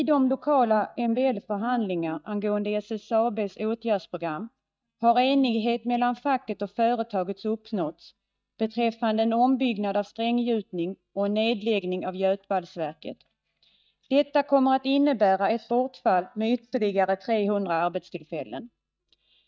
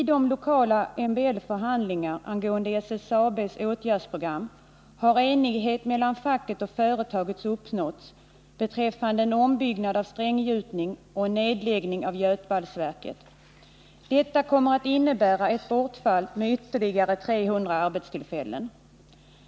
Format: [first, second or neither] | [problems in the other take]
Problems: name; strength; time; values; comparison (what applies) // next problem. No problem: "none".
second | noise reduction (neural mask model DeepFilterNet 3)